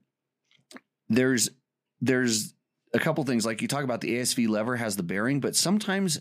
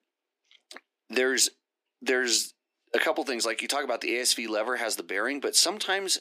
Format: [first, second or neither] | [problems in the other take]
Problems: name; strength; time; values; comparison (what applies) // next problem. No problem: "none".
first | thin; very; fading below 300 Hz